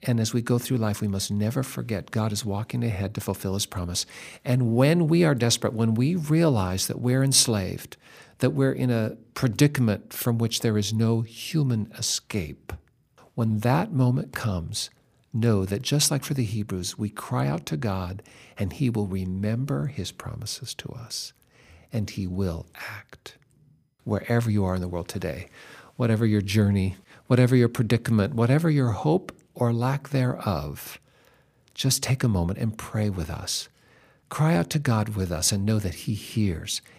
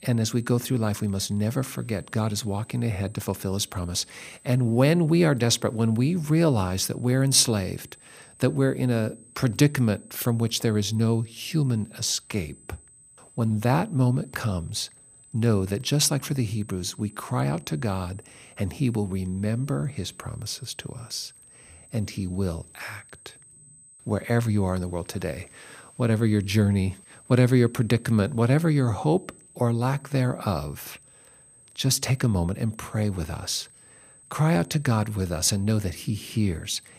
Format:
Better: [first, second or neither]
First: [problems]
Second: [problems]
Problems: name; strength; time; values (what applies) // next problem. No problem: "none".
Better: first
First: none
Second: high-pitched whine; faint; throughout; 8 kHz, 25 dB below the speech